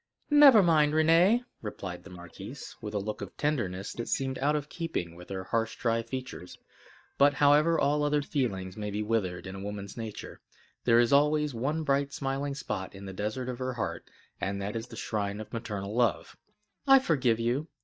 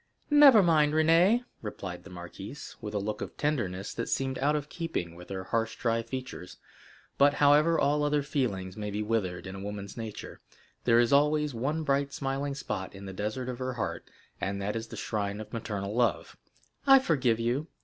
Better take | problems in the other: second | noise reduction (neural mask model DeepFilterNet 3)

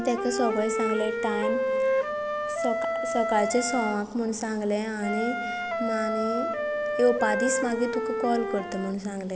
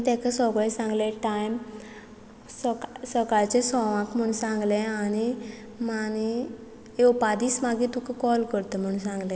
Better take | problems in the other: second | background sound (Wind instrument, woodwind instrument); 1 dB below the speech

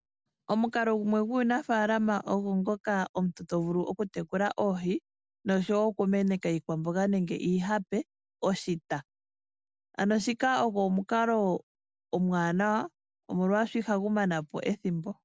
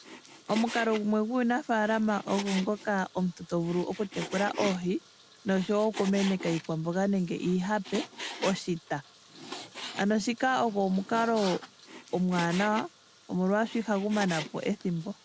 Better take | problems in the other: first | background sound (Frying (food)); 13 dB below the speech

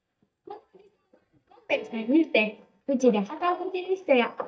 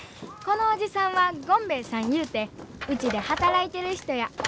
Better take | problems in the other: second | noise reduction (neural mask model DeepFilterNet 3)

